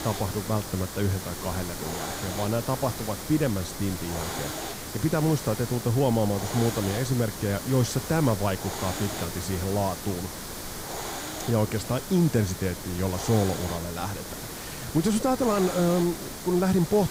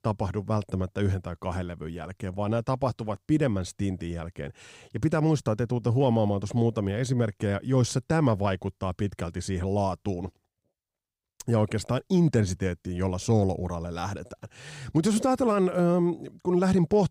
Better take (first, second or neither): second